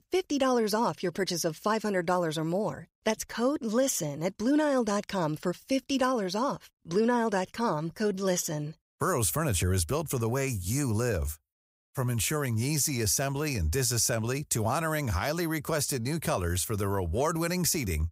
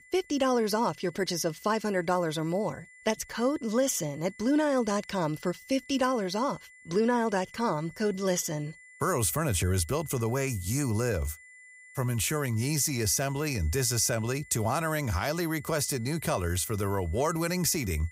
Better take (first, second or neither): first